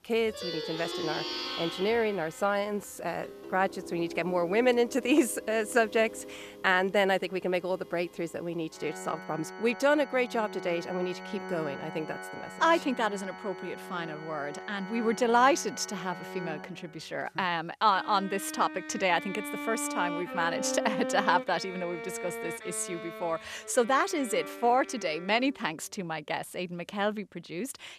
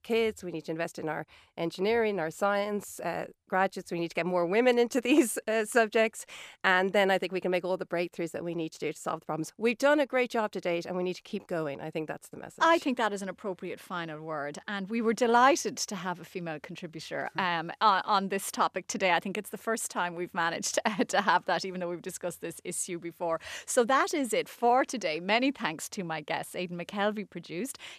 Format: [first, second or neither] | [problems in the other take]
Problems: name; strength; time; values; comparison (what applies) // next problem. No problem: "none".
second | background music; loud; throughout; 10 dB below the speech